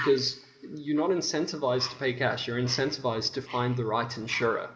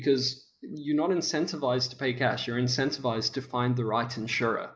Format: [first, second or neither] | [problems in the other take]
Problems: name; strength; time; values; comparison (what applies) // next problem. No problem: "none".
second | background sound (Bird); 17 dB below the speech // room echo; dies away in 2.3 s